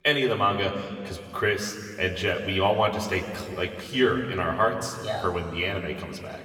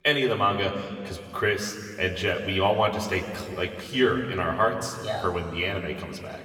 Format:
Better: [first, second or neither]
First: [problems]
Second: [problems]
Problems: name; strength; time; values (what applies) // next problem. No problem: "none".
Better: neither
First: room echo; slight; dies away in 2.3 s // off-mic speech; somewhat distant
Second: room echo; slight; dies away in 2.3 s // off-mic speech; somewhat distant